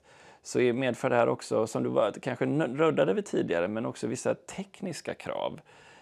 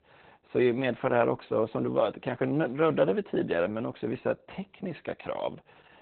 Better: first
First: none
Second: garbled, watery; badly; nothing above 3.5 kHz

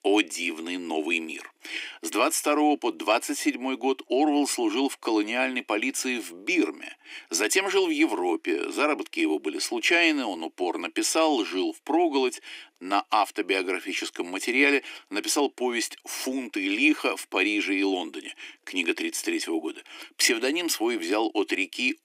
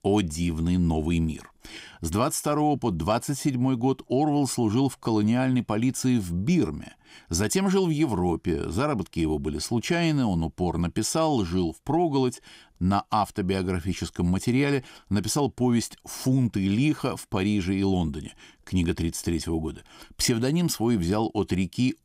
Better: second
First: thin; somewhat; fading below 300 Hz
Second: none

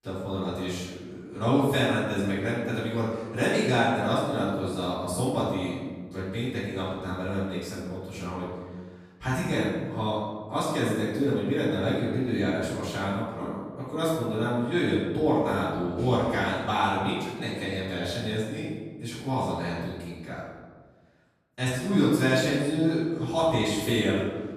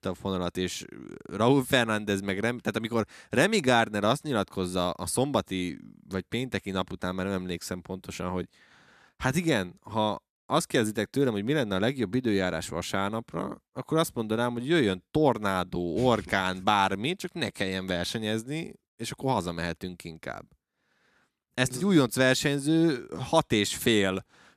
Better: second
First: room echo; strong; dies away in 1.3 s // off-mic speech; far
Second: none

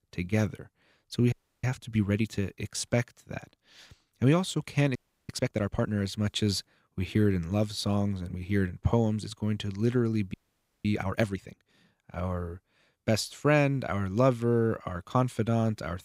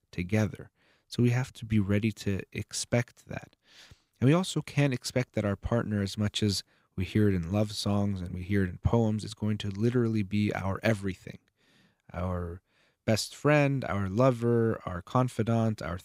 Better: second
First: audio freezing; at 1.5 s, at 5 s and at 10 s for 0.5 s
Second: none

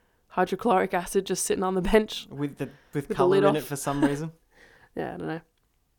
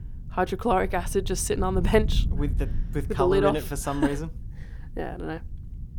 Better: first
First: none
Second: low rumble; faint; throughout; 20 dB below the speech

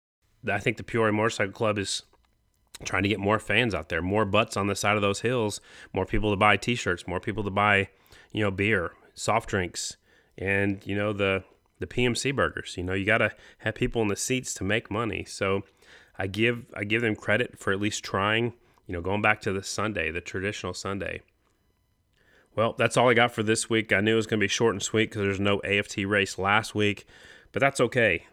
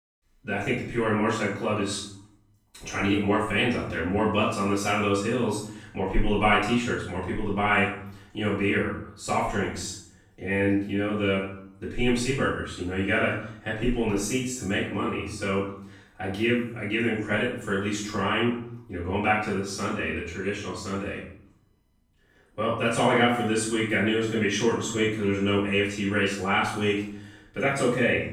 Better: first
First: none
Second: off-mic speech; far // room echo; noticeable; dies away in 0.6 s

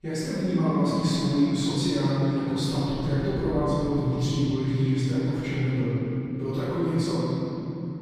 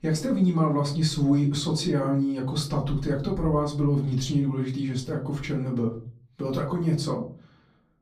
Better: second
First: room echo; strong; dies away in 3 s // off-mic speech; far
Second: room echo; slight; dies away in 0.5 s // off-mic speech; far

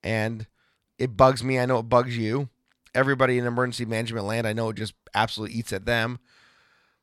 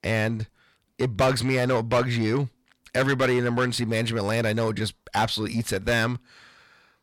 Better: first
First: none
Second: distortion; heavy; 6 dB below the speech

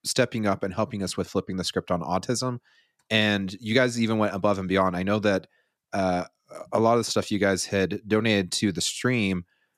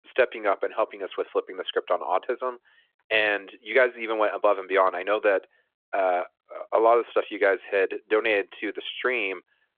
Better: first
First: none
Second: phone-call audio; nothing above 3.5 kHz

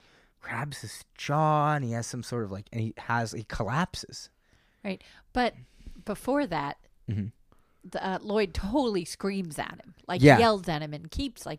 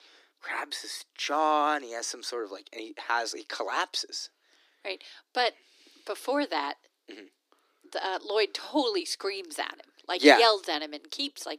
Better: first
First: none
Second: thin; somewhat; fading below 300 Hz

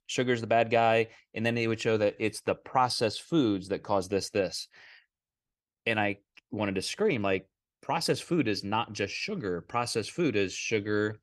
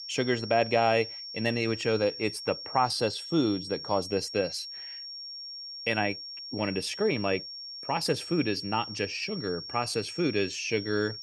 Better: first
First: none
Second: high-pitched whine; loud; throughout; 5.5 kHz, 9 dB below the speech

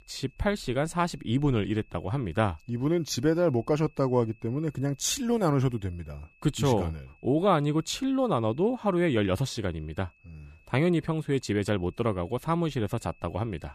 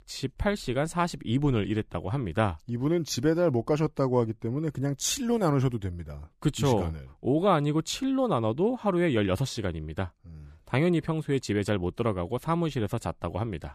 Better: second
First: high-pitched whine; faint; throughout; 2.5 kHz, 30 dB below the speech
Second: none

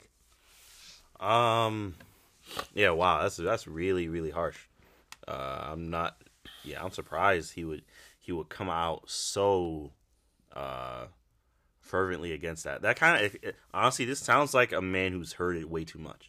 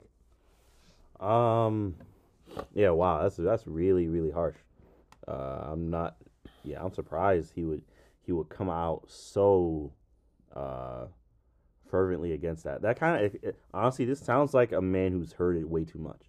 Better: first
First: none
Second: muffled; slightly; fading above 1 kHz

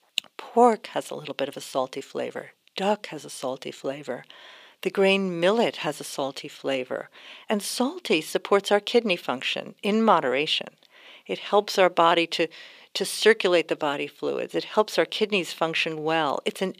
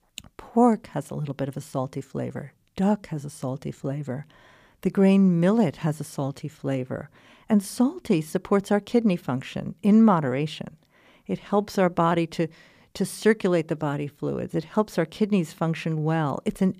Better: second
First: thin; somewhat; fading below 450 Hz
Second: none

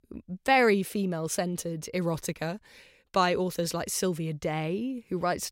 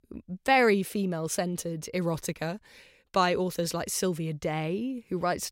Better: neither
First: none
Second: none

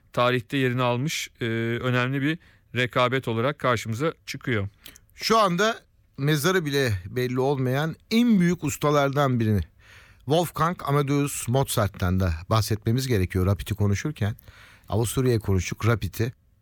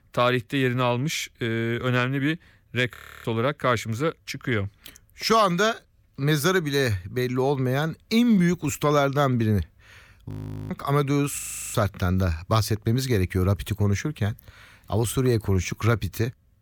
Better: first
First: none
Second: audio freezing; at 3 s, at 10 s and at 11 s

